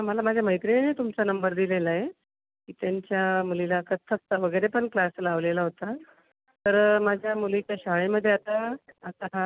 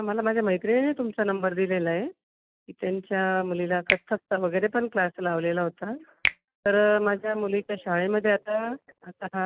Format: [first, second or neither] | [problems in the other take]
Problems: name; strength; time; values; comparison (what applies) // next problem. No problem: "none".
first | noise reduction (neural mask model DeepFilterNet 3)